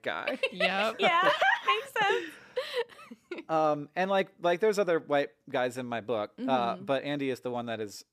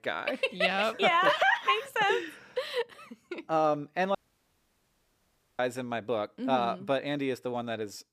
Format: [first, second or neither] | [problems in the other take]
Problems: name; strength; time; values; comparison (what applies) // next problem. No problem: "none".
first | audio cutting out; at 4 s for 1.5 s